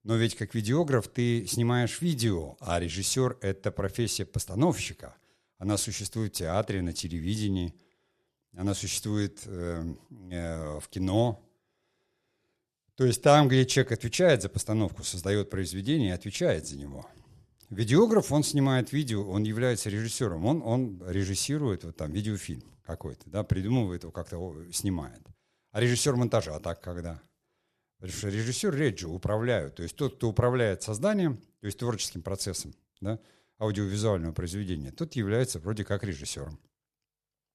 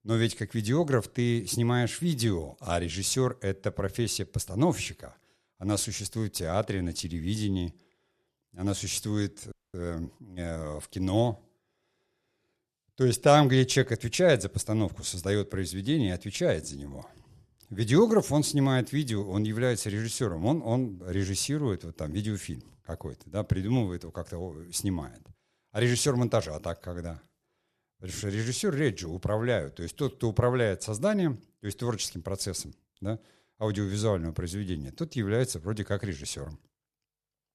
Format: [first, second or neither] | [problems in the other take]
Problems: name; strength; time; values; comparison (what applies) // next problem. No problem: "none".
first | audio freezing; at 9.5 s